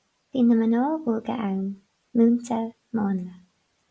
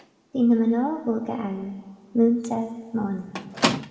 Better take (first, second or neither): first